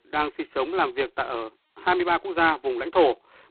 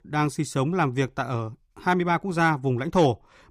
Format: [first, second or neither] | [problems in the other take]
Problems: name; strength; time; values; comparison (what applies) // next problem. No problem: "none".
second | phone-call audio; poor line; nothing above 4 kHz